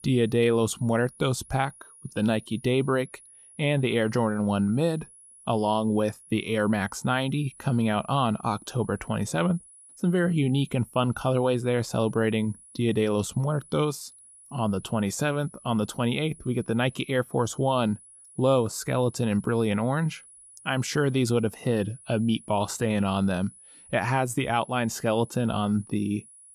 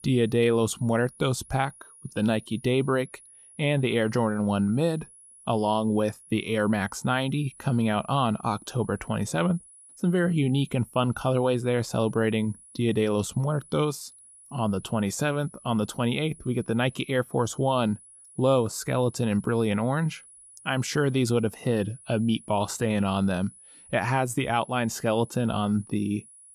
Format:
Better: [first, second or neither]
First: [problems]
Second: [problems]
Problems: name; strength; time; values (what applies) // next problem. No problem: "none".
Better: neither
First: high-pitched whine; faint; throughout; 10 kHz, 20 dB below the speech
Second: high-pitched whine; faint; throughout; 10 kHz, 20 dB below the speech